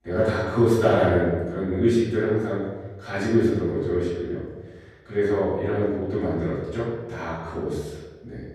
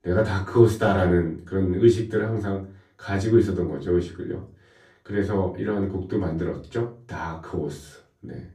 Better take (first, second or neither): second